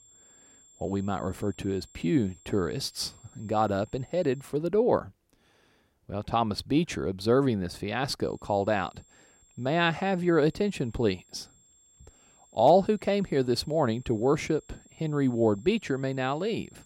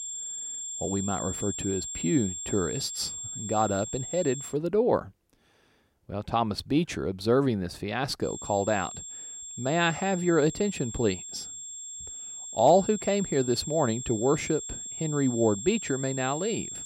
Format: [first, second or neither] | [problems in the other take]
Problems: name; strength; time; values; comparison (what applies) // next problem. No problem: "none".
first | high-pitched whine; loud; until 4.5 s and from 8.5 s on; 7.5 kHz, 7 dB below the speech; faint in the first